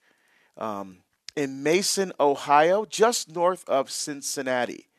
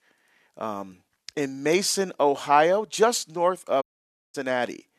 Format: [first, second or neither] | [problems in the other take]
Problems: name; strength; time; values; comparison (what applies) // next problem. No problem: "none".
first | audio cutting out; at 4 s for 0.5 s